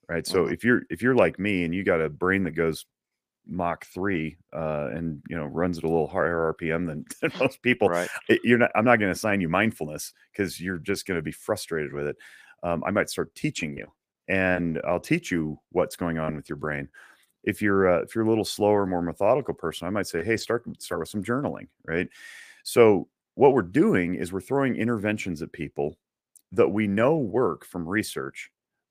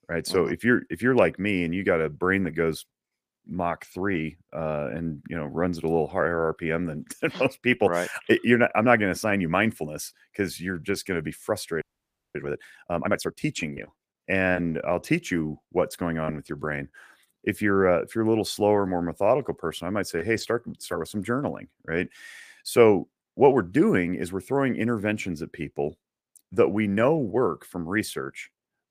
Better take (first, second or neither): first